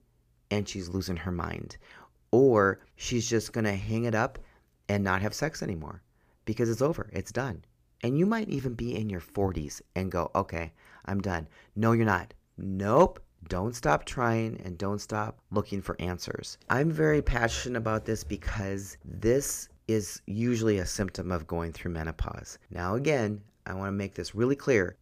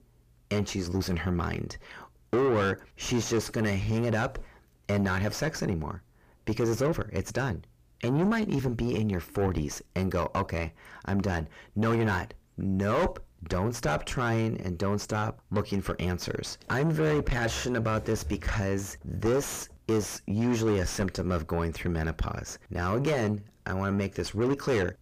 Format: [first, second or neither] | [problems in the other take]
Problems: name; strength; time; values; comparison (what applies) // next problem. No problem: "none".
first | distortion; heavy; 5 dB below the speech